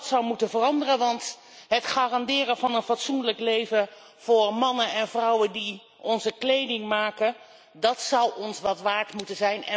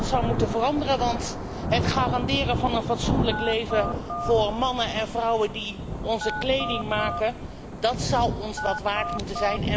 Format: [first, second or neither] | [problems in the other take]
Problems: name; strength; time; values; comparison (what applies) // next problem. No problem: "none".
first | background sound (Thunder / Rain + Telephone); 2 dB below the speech